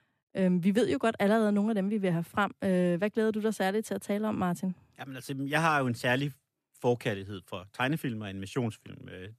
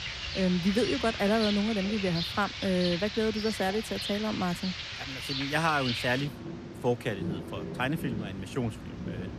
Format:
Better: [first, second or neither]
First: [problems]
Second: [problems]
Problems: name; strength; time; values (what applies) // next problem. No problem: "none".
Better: first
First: none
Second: rain or running water; loud; throughout; 5 dB below the speech